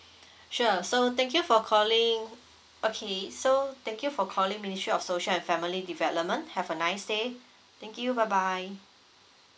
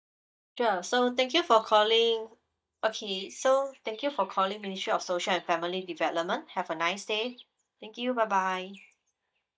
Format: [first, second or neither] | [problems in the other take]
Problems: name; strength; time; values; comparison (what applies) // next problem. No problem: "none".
first | noise reduction (neural mask model DeepFilterNet 3)